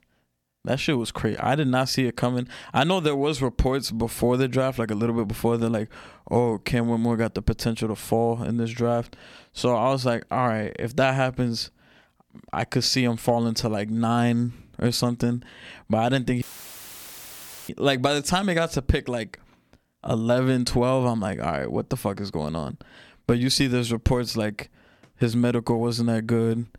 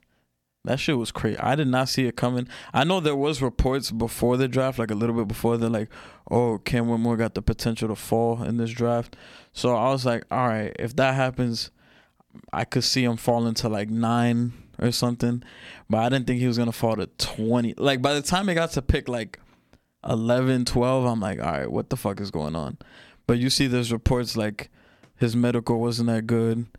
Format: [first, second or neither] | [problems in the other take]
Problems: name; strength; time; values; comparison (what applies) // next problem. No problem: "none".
second | audio cutting out; filled with static; at 16 s for 1.5 s